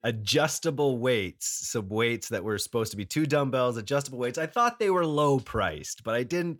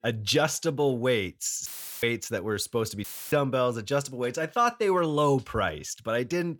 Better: first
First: none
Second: audio cutting out; filled with static; at 1.5 s and at 3 s

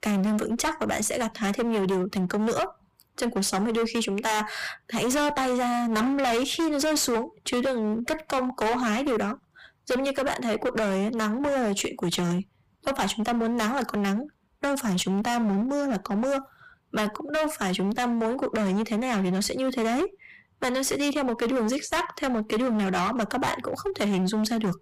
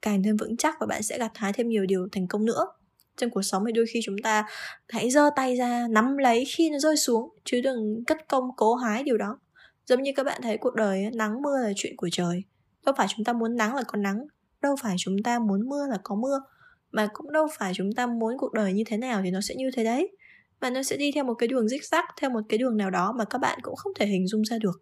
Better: second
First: distortion; heavy; 26% of the sound clipped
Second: none

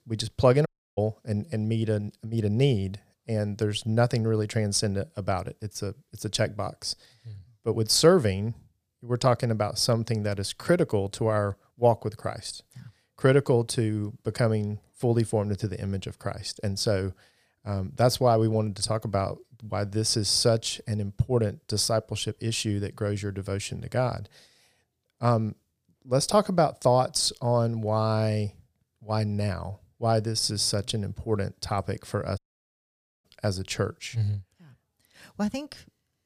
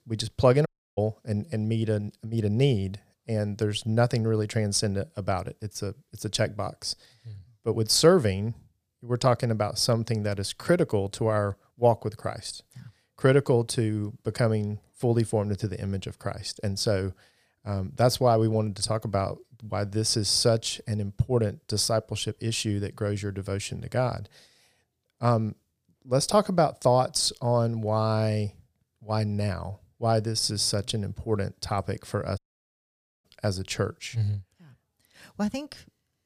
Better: neither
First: audio cutting out; at 0.5 s and at 32 s for 1 s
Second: audio cutting out; at 0.5 s and at 32 s for 1 s

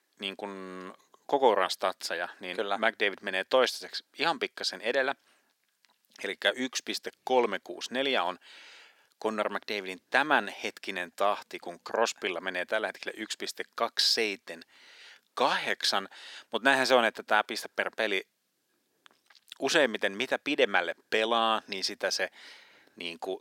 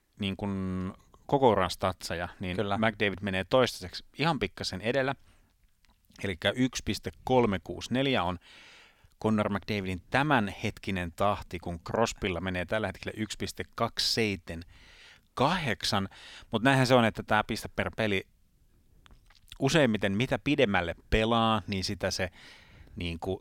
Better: second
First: thin; somewhat; fading below 350 Hz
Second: none

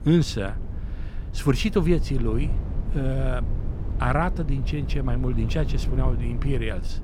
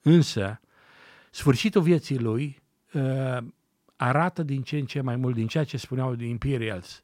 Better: second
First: low rumble; noticeable; throughout; 15 dB below the speech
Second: none

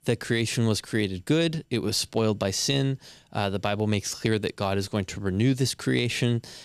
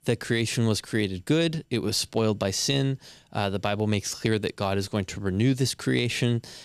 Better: neither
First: none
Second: none

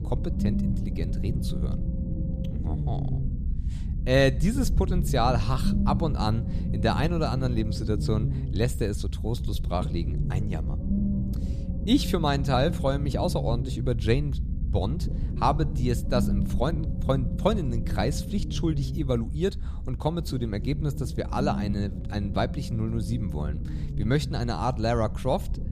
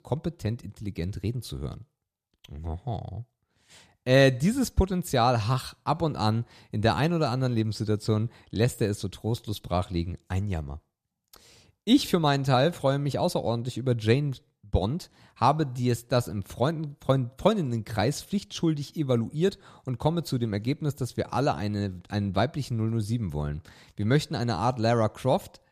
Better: second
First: low rumble; noticeable; throughout; 10 dB below the speech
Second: none

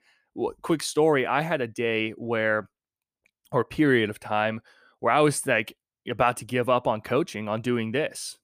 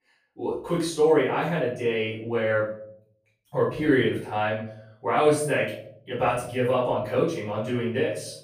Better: first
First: none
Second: off-mic speech; far // room echo; noticeable; dies away in 0.5 s

